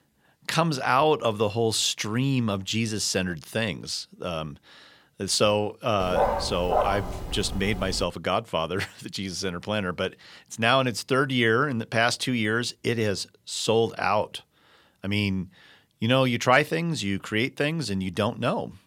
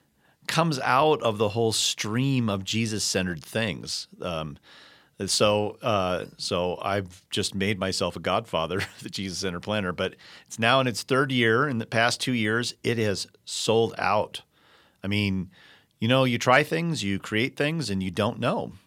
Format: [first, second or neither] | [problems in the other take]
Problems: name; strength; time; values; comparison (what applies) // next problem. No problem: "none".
second | dog barking; loud; from 6 to 8 s; peak level with the speech